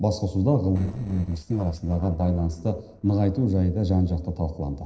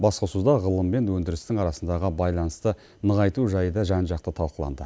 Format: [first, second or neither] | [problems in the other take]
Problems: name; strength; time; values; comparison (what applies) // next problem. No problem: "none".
second | noise reduction (neural separator model SepFormer DNS4)